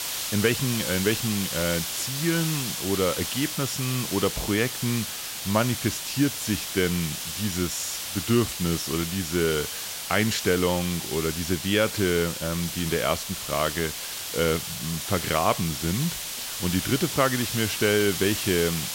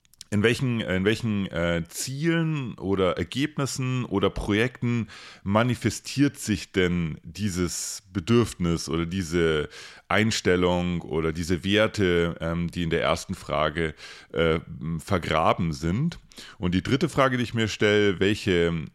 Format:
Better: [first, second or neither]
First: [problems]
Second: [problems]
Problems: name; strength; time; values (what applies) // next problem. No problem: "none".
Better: second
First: hiss; loud; throughout; 3 dB below the speech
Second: none